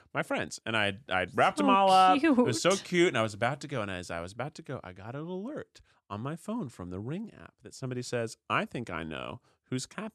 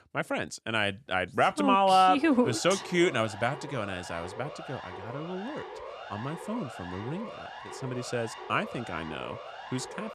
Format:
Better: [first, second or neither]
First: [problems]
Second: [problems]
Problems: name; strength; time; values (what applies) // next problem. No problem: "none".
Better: first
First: none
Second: siren; faint; from 2 s on; peak 15 dB below the speech